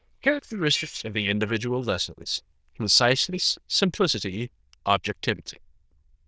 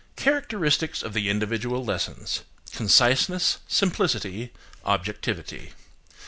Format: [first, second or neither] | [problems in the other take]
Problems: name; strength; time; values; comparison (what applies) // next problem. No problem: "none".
second | noise reduction (neural diffusion model UNIVERSE++)